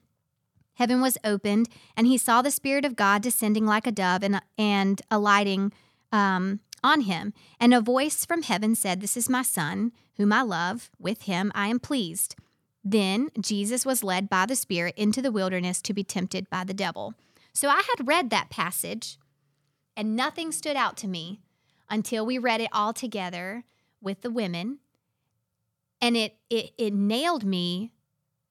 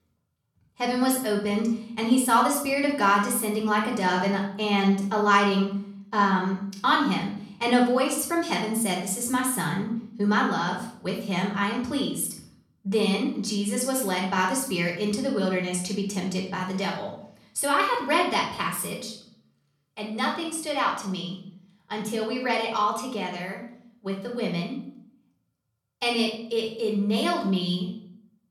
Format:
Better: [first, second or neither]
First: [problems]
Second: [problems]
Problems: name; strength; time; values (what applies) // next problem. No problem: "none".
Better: first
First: none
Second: off-mic speech; far // room echo; noticeable; dies away in 0.5 s